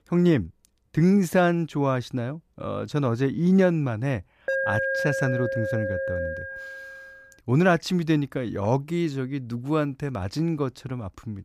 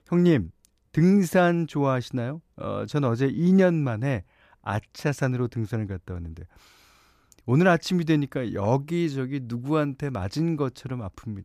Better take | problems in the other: second | alarm; loud; from 4.5 to 7 s; peak level with the speech

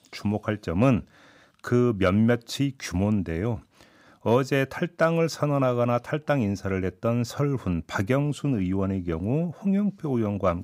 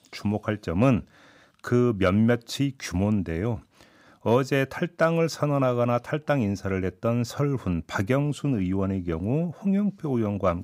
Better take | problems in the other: neither | none

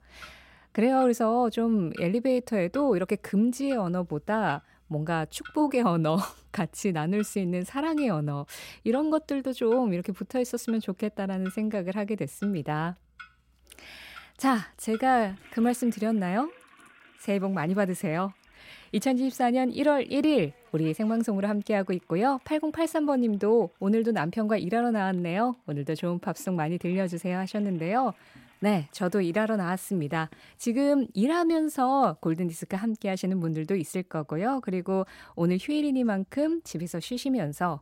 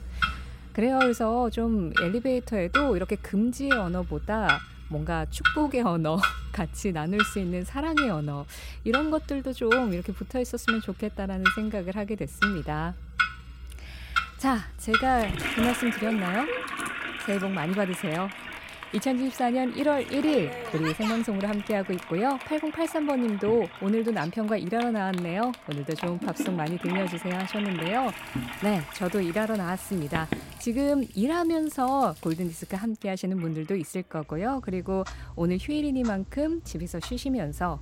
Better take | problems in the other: first | household noises; loud; throughout; 4 dB below the speech; faint in the first

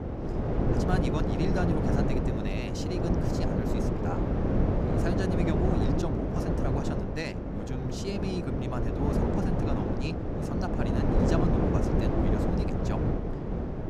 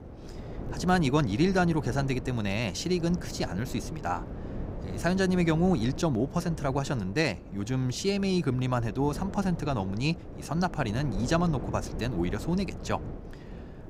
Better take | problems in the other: second | wind noise on the microphone; heavy; 5 dB above the speech; occasional gusts in the second

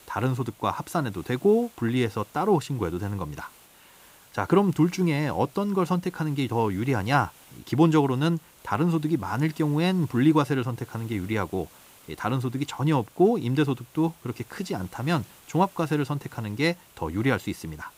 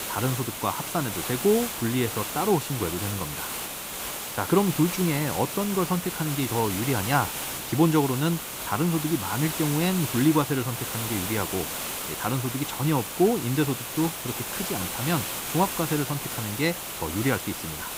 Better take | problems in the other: first | hiss; loud; throughout; 4 dB below the speech; faint in the first

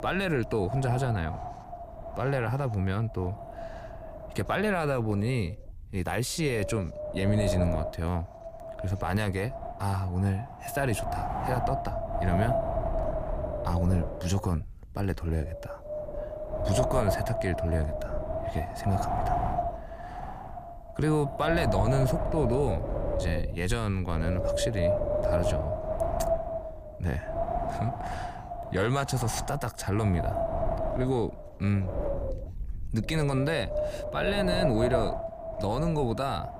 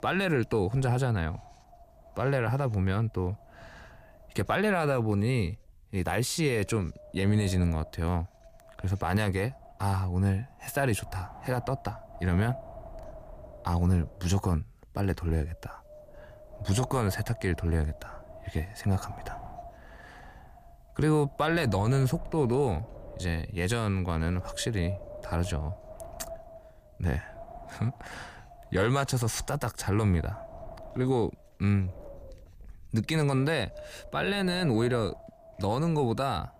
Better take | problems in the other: second | wind noise on the microphone; heavy; 1 dB above the speech; occasional gusts in the second

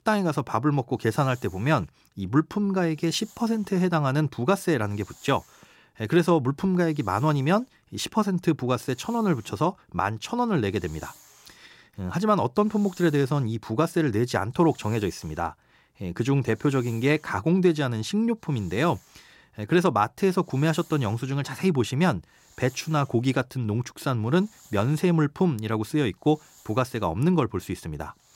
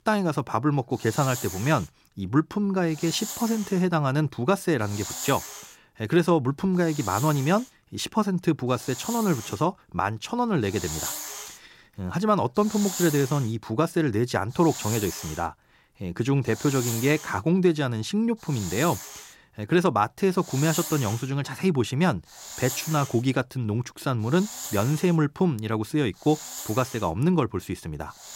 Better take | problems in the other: first | hiss; loud; throughout; 10 dB below the speech; faint in the first

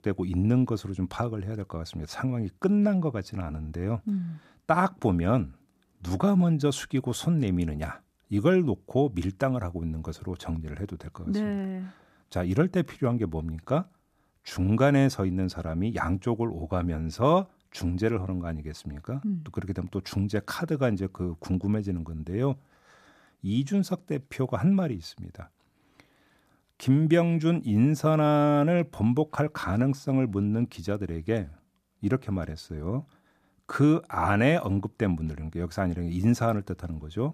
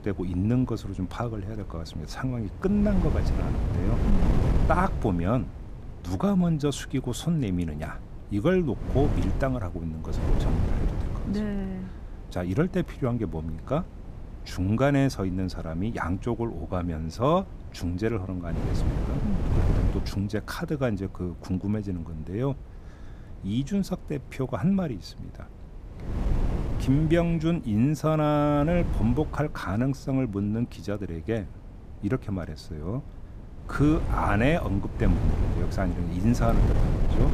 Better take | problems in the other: first | wind noise on the microphone; heavy; 9 dB below the speech

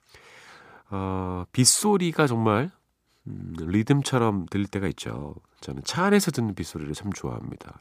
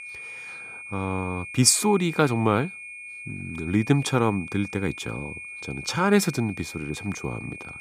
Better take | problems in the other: first | high-pitched whine; noticeable; throughout; 2.5 kHz, 10 dB below the speech

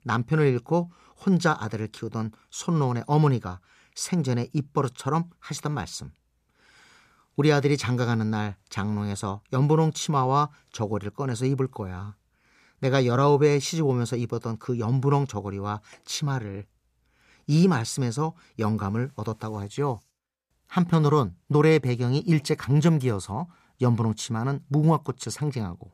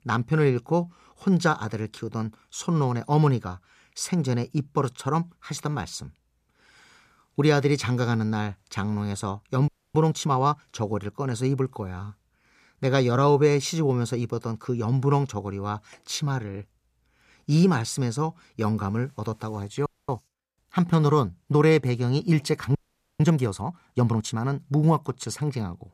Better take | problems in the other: first | audio freezing; at 9.5 s, at 20 s and at 23 s

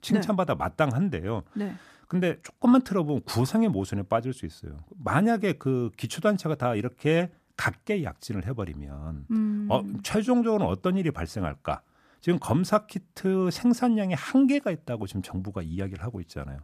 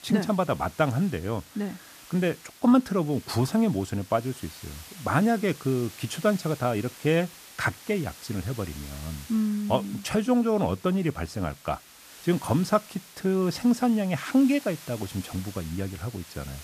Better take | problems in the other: first | hiss; noticeable; throughout; 20 dB below the speech

